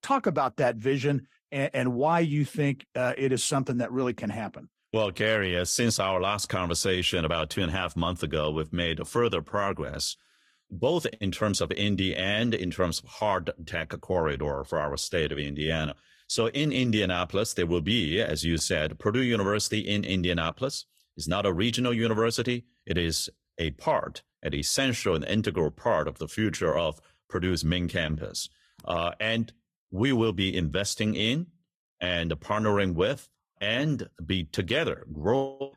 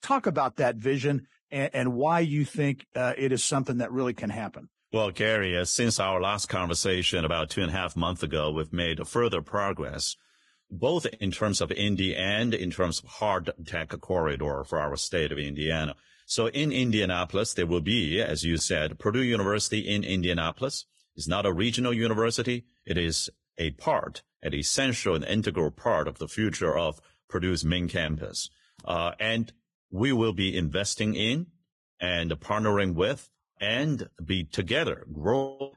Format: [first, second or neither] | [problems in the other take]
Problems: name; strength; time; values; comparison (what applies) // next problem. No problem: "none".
first | garbled, watery; badly; nothing above 10.5 kHz; slightly in the first